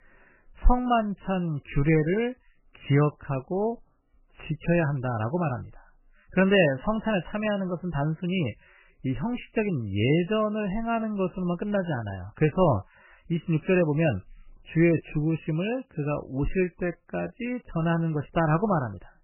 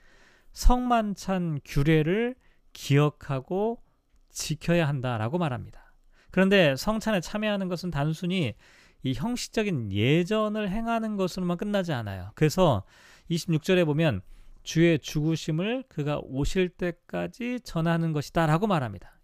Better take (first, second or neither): second